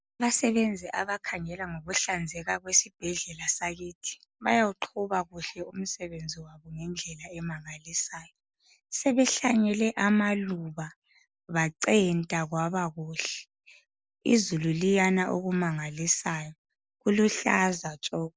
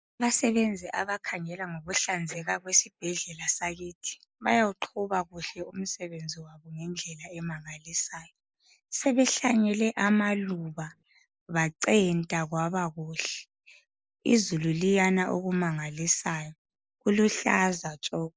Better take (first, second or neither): first